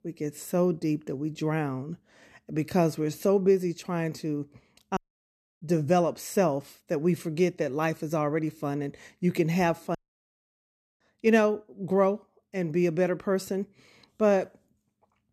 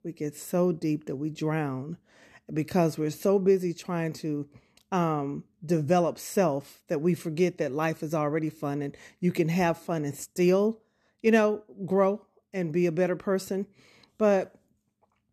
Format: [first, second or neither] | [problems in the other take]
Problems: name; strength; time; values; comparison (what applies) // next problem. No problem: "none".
second | audio cutting out; at 5 s for 0.5 s and at 10 s for 1 s